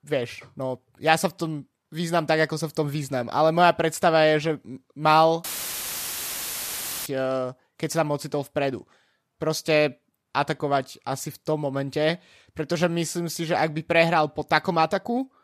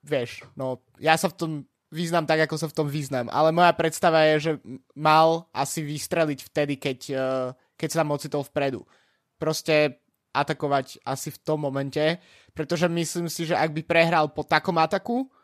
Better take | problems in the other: second | audio cutting out; filled with static; at 5.5 s for 1.5 s

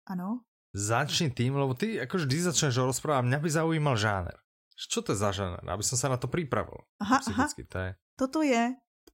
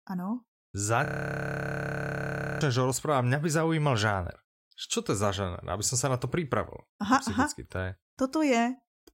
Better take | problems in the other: first | audio freezing; at 1 s for 1.5 s

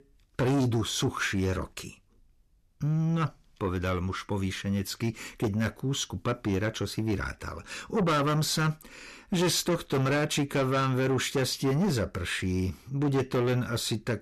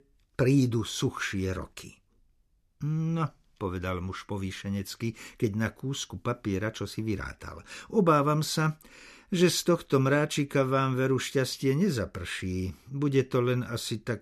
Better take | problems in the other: second | distortion; heavy; 8 dB below the speech

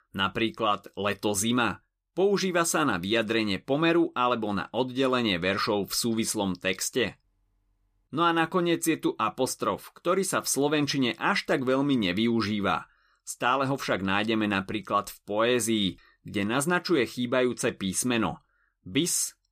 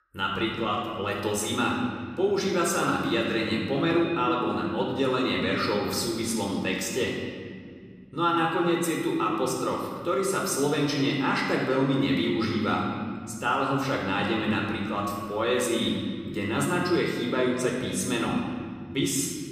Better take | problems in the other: first | room echo; noticeable; dies away in 2.1 s // off-mic speech; somewhat distant

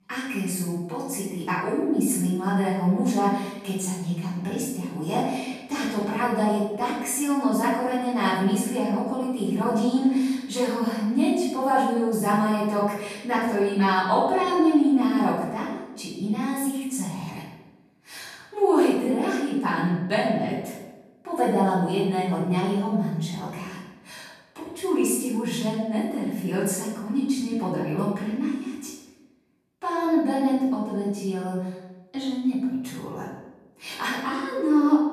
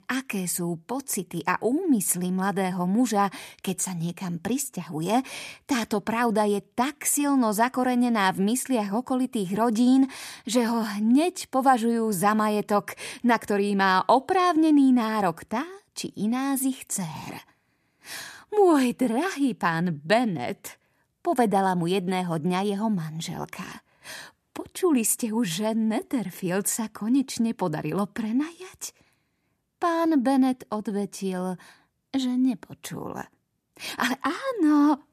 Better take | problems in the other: second | room echo; noticeable; dies away in 0.9 s // off-mic speech; far

